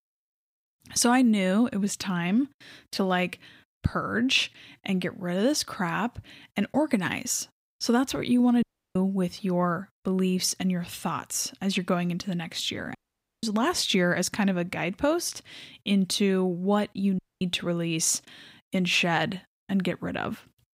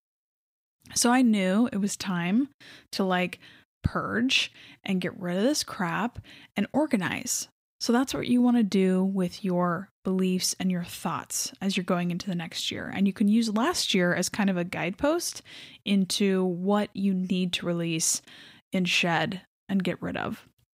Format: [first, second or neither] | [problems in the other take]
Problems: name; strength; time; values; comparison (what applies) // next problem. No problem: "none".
second | audio cutting out; at 8.5 s, at 13 s and at 17 s